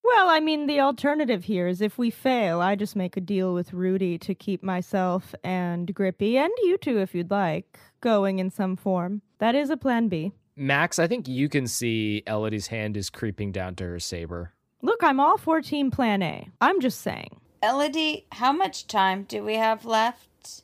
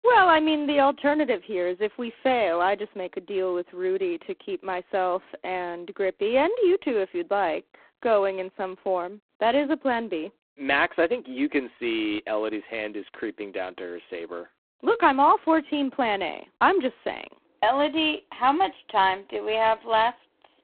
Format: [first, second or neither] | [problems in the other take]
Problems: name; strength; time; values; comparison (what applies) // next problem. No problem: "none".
first | phone-call audio; poor line